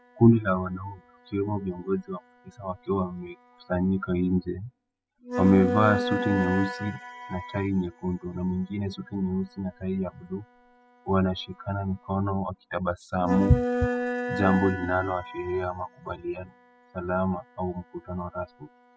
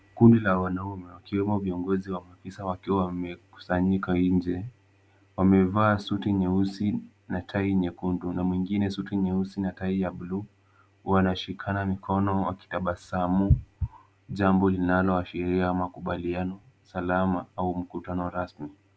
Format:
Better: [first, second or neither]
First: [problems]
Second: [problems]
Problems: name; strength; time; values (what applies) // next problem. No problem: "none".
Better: second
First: noise reduction (classical method spectral subtraction)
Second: none